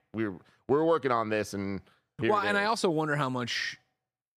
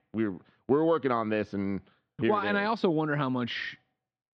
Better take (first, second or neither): first